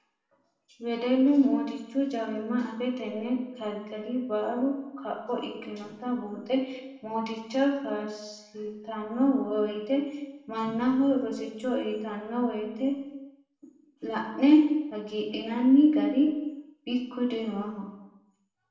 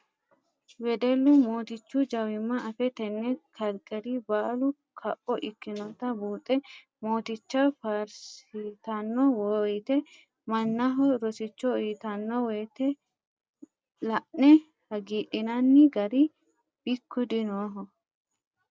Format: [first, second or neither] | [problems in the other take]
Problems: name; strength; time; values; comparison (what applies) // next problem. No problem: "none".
second | room echo; dies away in 0.8 s